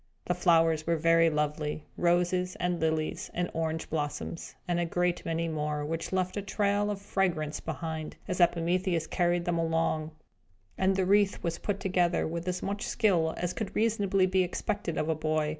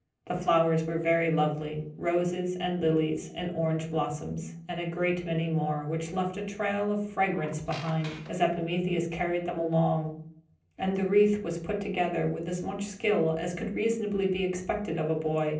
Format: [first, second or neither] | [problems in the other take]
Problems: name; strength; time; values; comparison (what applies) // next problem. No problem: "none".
first | noise reduction (neural separator model SepFormer DNS4)